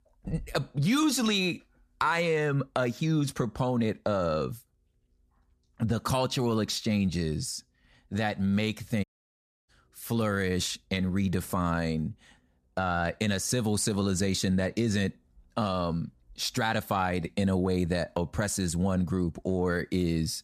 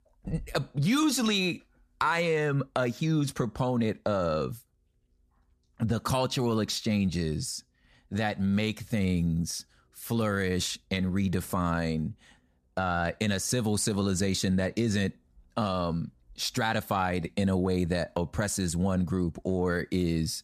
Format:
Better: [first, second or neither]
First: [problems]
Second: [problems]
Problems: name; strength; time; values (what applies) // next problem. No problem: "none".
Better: second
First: audio cutting out; at 9 s for 0.5 s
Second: none